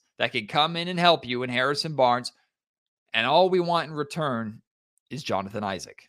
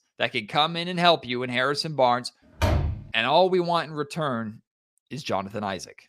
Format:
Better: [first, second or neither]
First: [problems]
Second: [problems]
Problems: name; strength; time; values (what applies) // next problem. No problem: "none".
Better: first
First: none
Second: door banging; noticeable; at 2.5 s; peak level with the speech